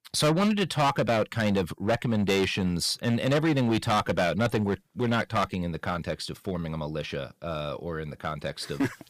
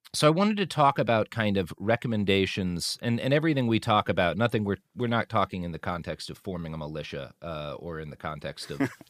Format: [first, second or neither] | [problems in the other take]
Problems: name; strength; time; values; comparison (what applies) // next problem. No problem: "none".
second | distortion; heavy; 8% of the sound clipped